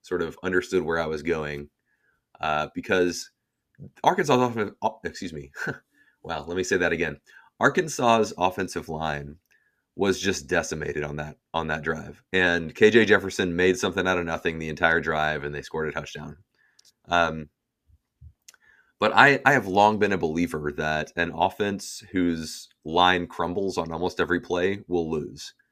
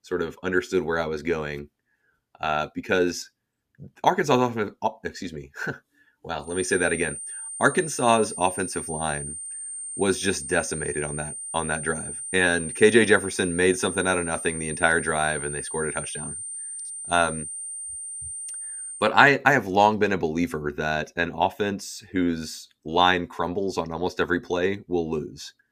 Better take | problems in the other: first | high-pitched whine; loud; from 6.5 to 19 s; 9 kHz, 8 dB below the speech

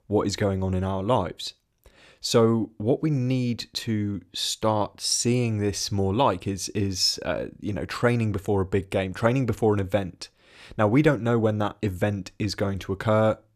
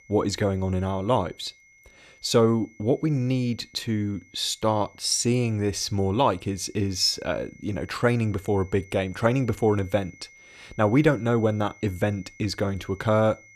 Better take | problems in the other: first | high-pitched whine; faint; throughout; 2 kHz, 25 dB below the speech

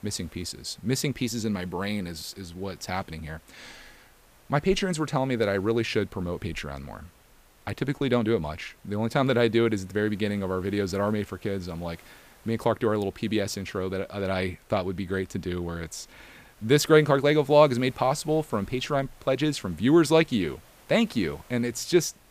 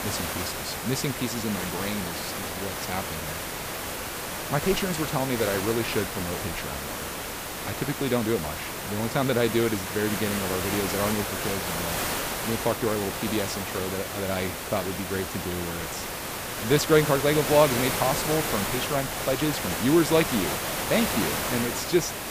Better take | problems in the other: first | hiss; loud; throughout; 2 dB below the speech; faint in the first

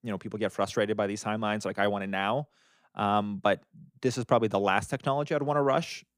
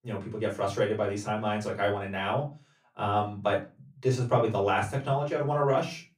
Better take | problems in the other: first | off-mic speech; far // room echo; very slight; dies away in 0.2 s

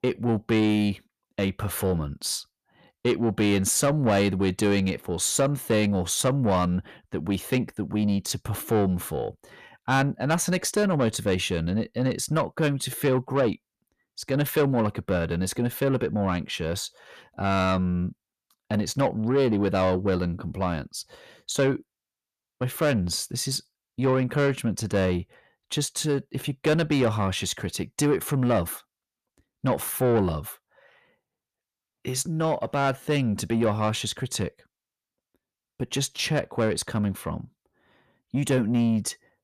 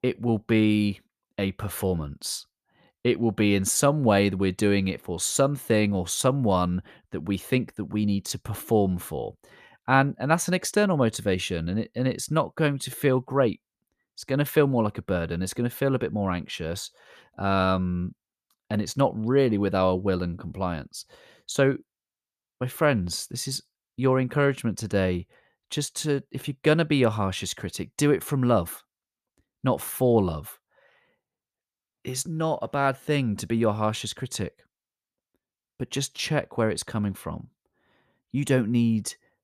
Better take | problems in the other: second | distortion; slight; 10 dB below the speech

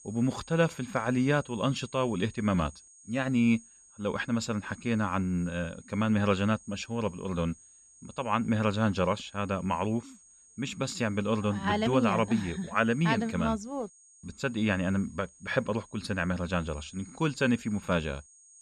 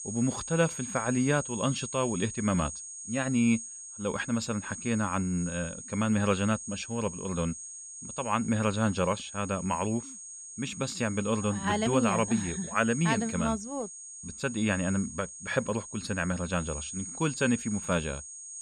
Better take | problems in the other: first | high-pitched whine; loud; throughout; 6.5 kHz, 9 dB below the speech; faint in the first

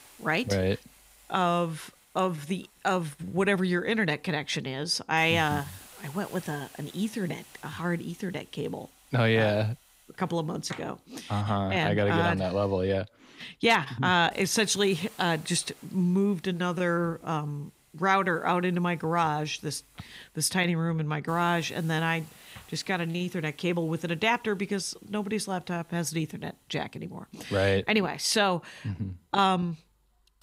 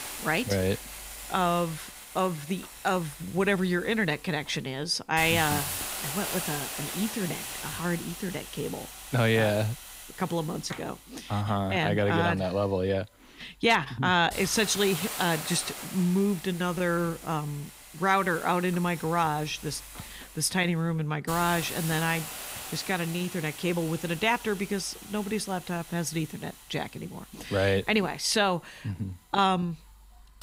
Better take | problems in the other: first | hiss; loud; throughout; 9 dB below the speech; faint in the first

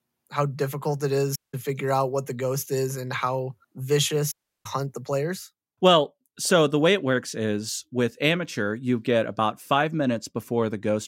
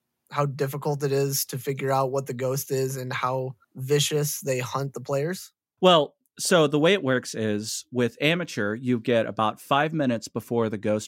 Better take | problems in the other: second | audio cutting out; at 1.5 s and at 4.5 s

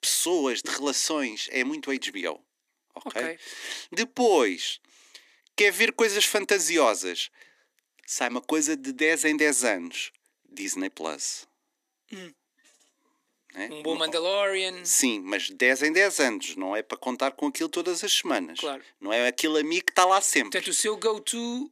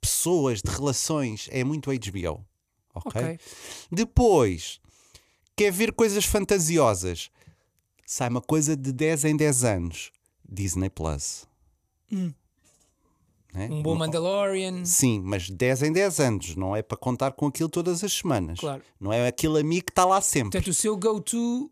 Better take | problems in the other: second | thin; somewhat; fading below 250 Hz

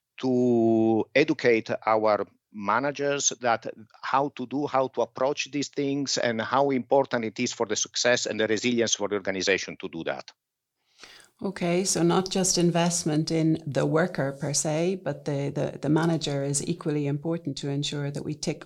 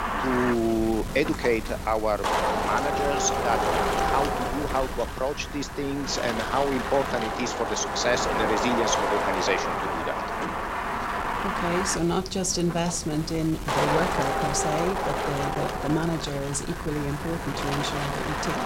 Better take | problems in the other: first | wind noise on the microphone; heavy; 2 dB above the speech

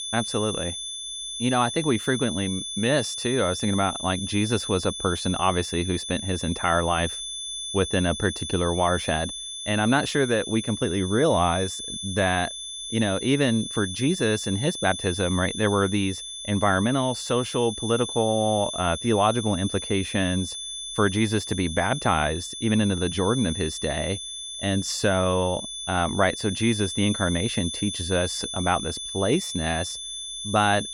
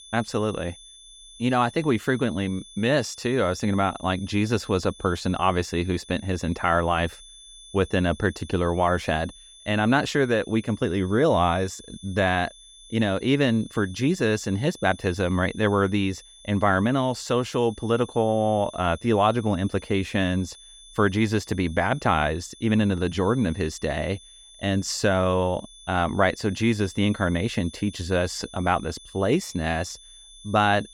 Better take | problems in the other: second | high-pitched whine; loud; throughout; 3.5 kHz, 6 dB below the speech; faint in the second

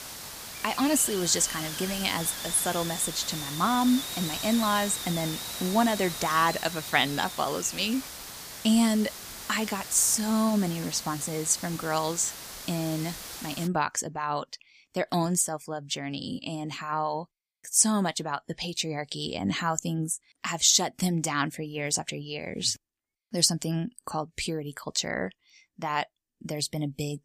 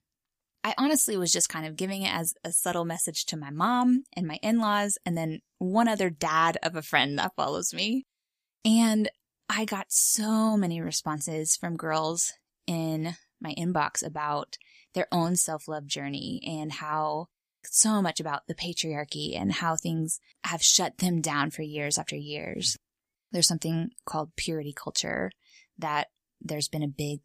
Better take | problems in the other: second | hiss; loud; until 14 s; 8 dB below the speech

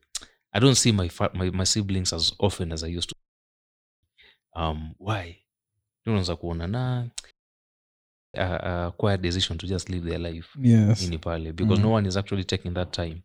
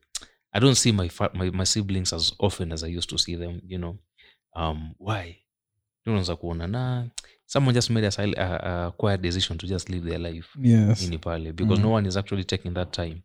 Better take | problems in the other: second | audio cutting out; at 3 s for 1 s and at 7.5 s for 1 s

